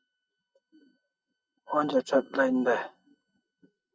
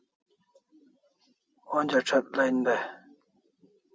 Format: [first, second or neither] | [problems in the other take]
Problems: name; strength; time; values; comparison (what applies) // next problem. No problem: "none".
second | noise reduction (neural mask model RNNoise)